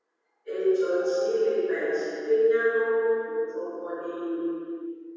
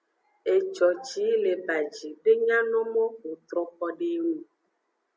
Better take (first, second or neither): second